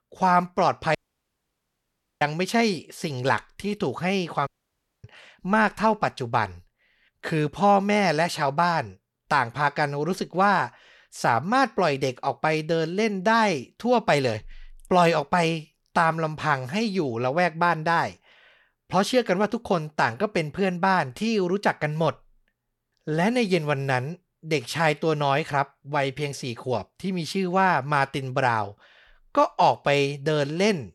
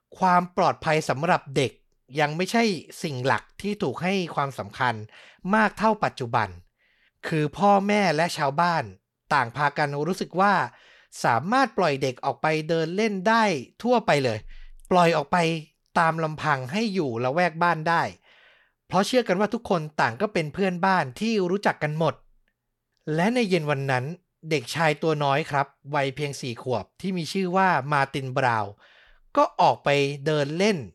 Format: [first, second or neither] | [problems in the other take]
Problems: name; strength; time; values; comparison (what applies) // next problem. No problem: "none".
second | audio cutting out; at 1 s for 1.5 s and at 4.5 s for 0.5 s